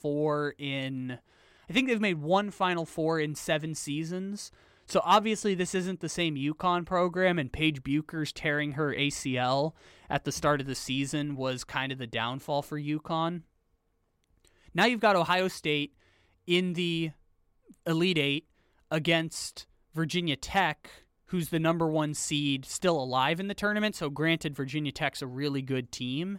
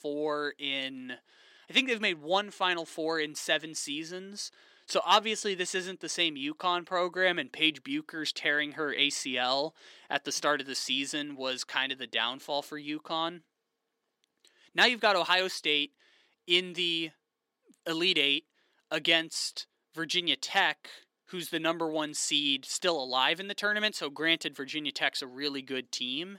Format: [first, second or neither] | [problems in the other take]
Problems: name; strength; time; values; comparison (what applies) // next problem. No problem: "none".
first | thin; somewhat; fading below 250 Hz